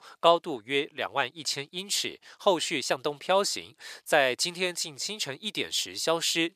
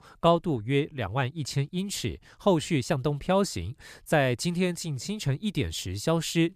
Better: second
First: thin; very; fading below 500 Hz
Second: none

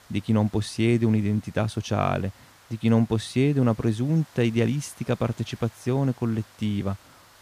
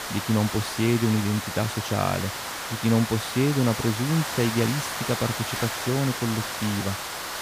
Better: first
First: hiss; faint; throughout; 25 dB below the speech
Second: hiss; loud; throughout; 4 dB below the speech

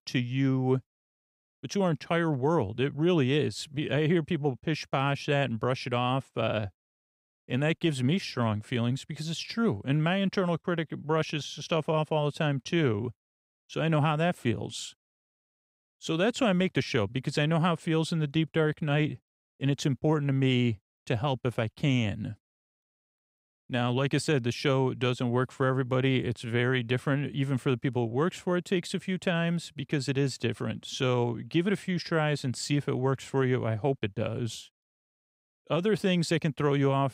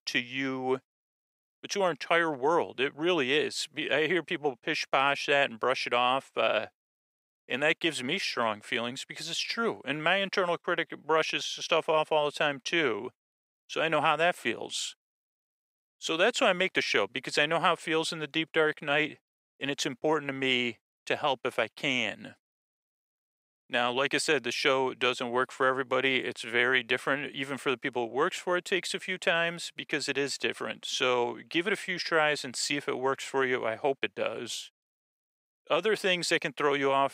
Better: first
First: none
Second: thin; very; fading below 500 Hz

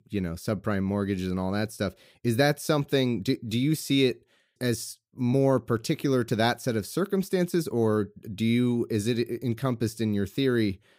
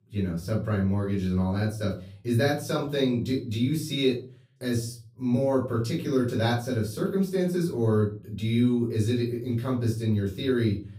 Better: first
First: none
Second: off-mic speech; far // room echo; slight; dies away in 0.4 s

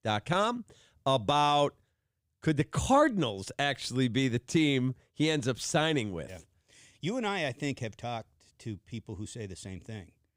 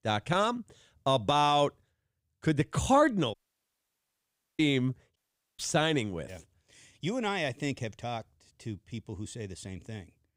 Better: first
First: none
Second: audio cutting out; at 3.5 s for 1.5 s and at 5 s

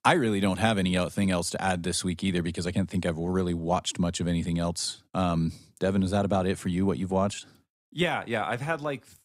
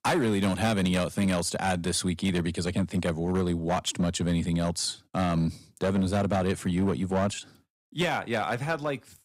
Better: first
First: none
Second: distortion; slight; 8% of the sound clipped

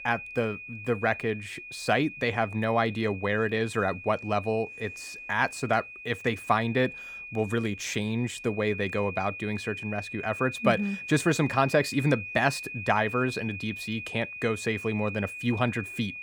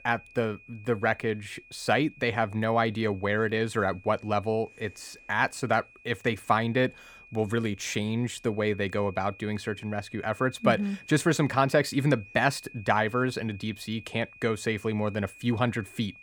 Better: second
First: high-pitched whine; loud; throughout; 2.5 kHz, 10 dB below the speech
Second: high-pitched whine; faint; throughout; 2.5 kHz, 20 dB below the speech

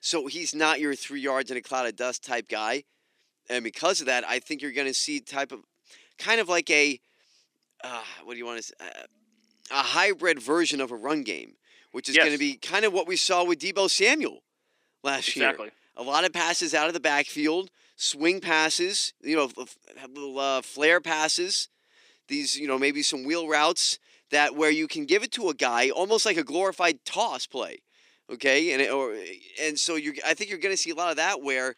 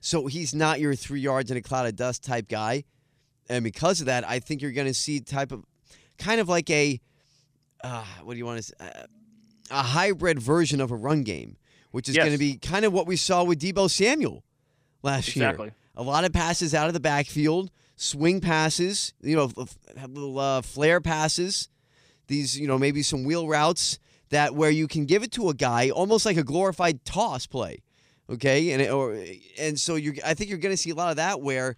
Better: second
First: thin; somewhat; fading below 300 Hz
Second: none

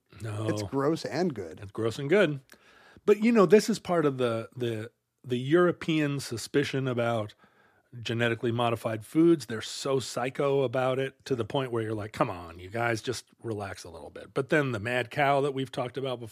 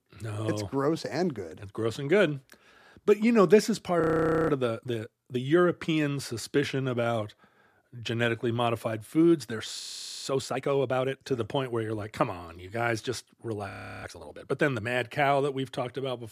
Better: first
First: none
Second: audio freezing; at 4 s, at 10 s and at 14 s

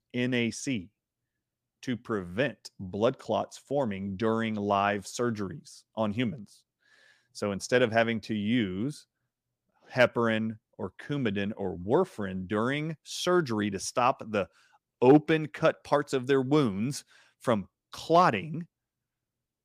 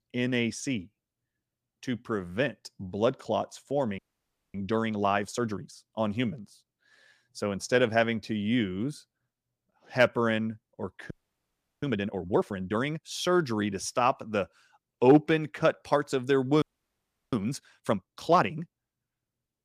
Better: first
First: none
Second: audio freezing; at 4 s for 0.5 s, at 11 s for 0.5 s and at 17 s for 0.5 s

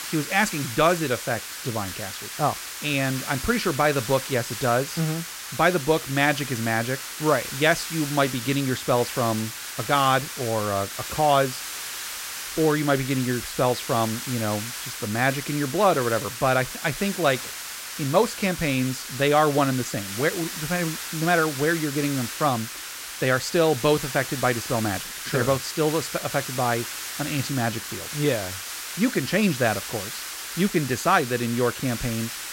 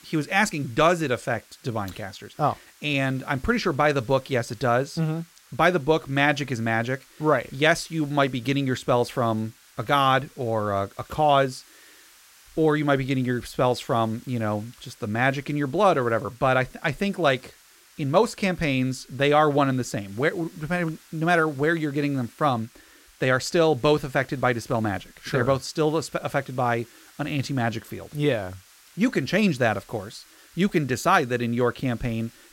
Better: second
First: hiss; loud; throughout; 7 dB below the speech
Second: hiss; faint; throughout; 25 dB below the speech

